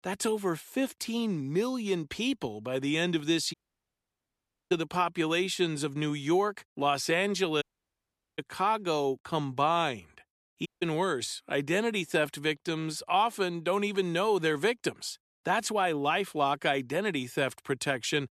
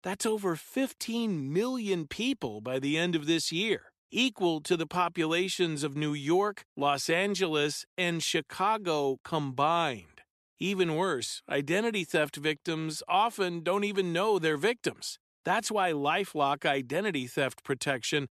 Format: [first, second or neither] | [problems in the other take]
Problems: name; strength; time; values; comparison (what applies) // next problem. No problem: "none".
second | audio cutting out; at 3.5 s for 1 s, at 7.5 s for 1 s and at 11 s